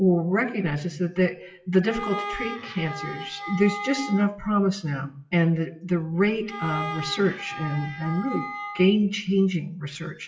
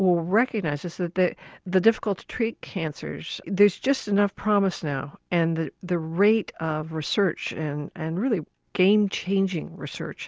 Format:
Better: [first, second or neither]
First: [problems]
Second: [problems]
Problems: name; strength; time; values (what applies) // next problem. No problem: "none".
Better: second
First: noise reduction (classical method WPE with log-MMSE)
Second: none